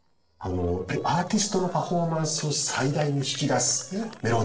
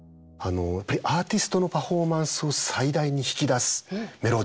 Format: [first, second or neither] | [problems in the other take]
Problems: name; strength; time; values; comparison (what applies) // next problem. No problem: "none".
second | noise reduction (neural separator model SepFormer DNS4)